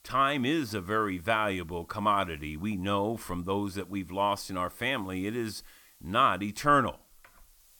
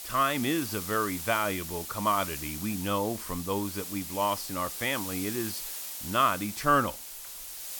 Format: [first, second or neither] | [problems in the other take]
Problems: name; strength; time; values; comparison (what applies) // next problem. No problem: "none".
first | hiss; loud; throughout; 7 dB below the speech; faint in the first